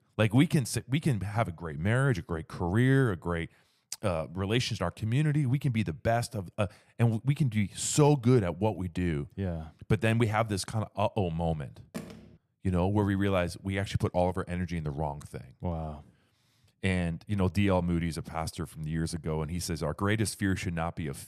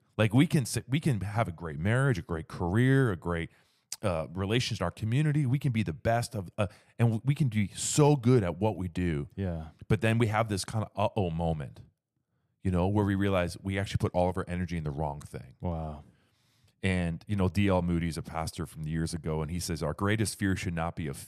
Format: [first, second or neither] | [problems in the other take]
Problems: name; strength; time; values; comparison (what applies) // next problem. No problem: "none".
second | phone ringing; faint; at 12 s; peak 15 dB below the speech